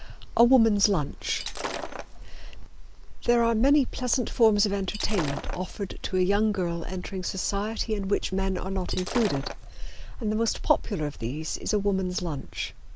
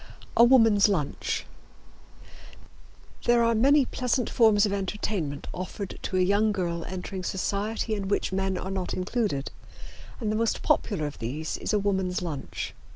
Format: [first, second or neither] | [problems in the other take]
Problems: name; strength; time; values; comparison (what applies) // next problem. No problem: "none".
second | background sound (Shatter); 11 dB below the speech